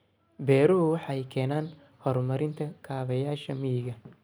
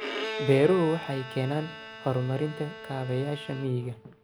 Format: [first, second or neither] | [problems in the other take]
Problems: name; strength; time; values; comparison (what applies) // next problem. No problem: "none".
first | background sound (Bowed string instrument); 10 dB below the speech